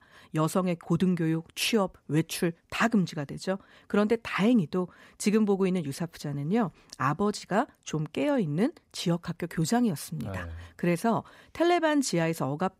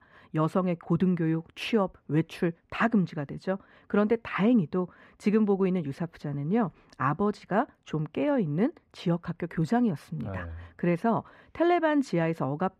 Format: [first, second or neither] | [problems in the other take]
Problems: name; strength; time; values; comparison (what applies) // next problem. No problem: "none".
first | muffled; slightly; fading above 4 kHz